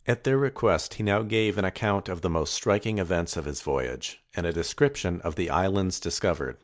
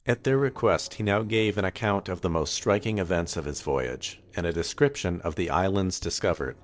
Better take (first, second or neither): first